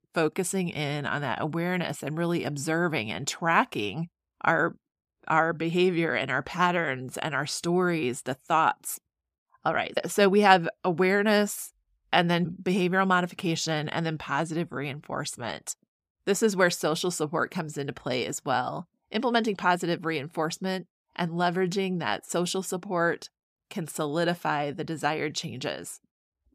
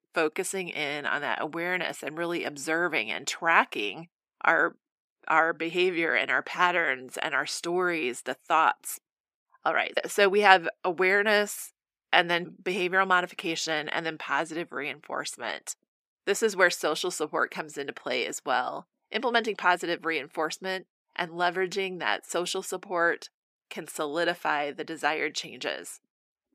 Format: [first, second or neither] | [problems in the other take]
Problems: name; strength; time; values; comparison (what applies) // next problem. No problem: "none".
first | thin; somewhat; fading below 350 Hz